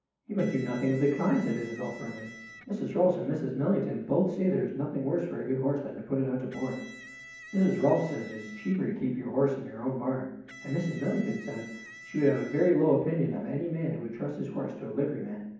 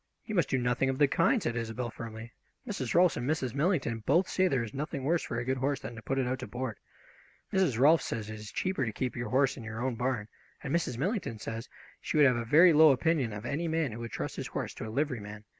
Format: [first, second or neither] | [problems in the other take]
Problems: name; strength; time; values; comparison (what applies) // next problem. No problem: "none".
second | background sound (Electric guitar); 19 dB below the speech // room echo; dies away in 1.2 s